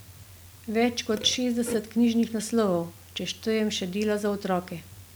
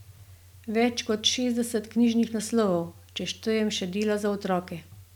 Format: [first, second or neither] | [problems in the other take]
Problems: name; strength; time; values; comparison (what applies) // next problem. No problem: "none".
second | background sound (Burping, eructation); 18 dB below the speech